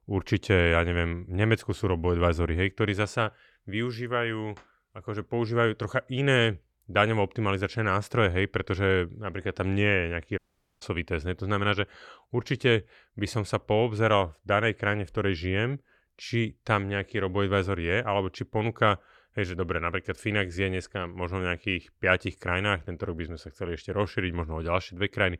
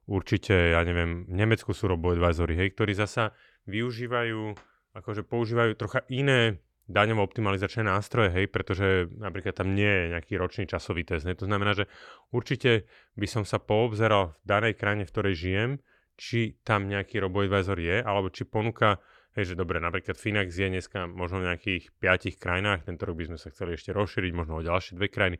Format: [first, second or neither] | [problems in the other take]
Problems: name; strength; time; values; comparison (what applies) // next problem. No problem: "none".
second | audio cutting out; at 10 s